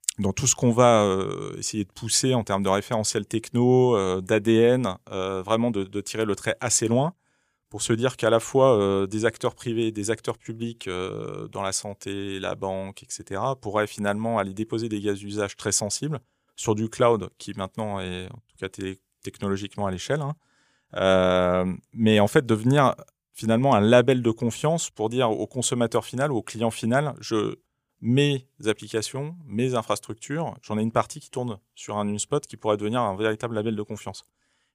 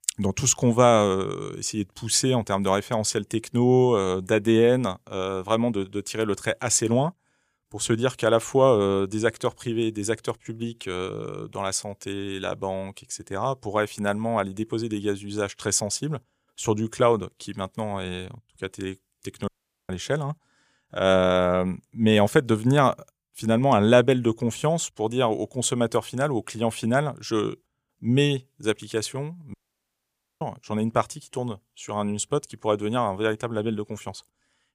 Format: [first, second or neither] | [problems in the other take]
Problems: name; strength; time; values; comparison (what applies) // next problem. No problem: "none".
first | audio cutting out; at 19 s and at 30 s for 1 s